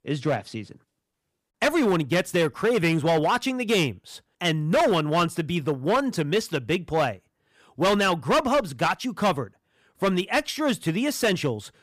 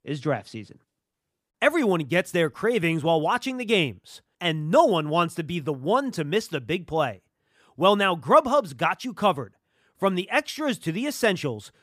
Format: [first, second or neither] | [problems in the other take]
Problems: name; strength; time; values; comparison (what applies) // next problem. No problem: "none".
second | distortion; heavy; 8% of the sound clipped